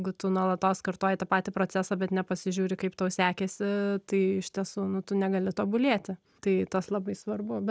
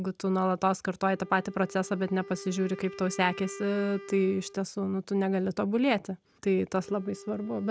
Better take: first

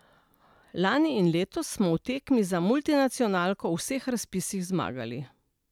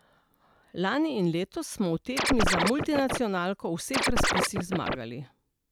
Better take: first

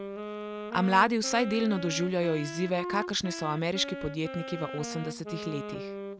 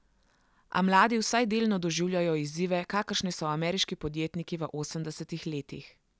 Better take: second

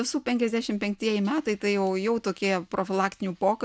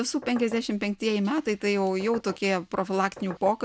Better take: first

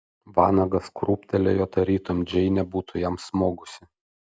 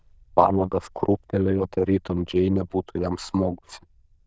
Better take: first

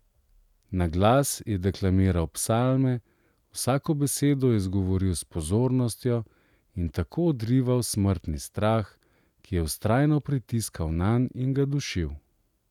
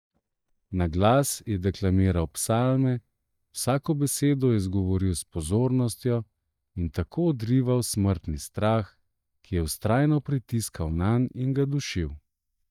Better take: first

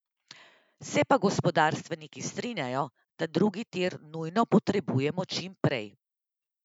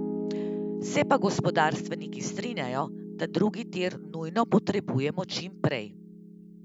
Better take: first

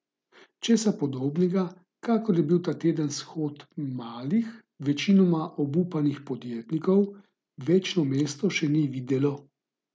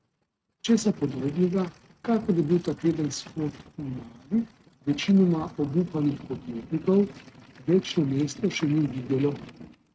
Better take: first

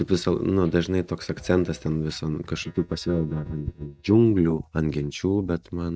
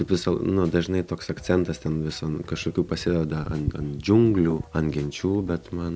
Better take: second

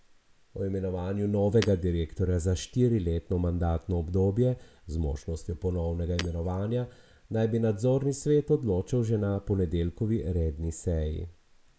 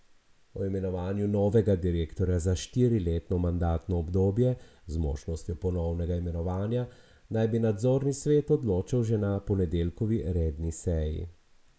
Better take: second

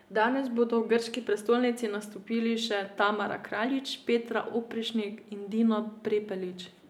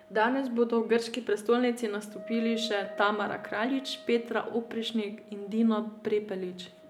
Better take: first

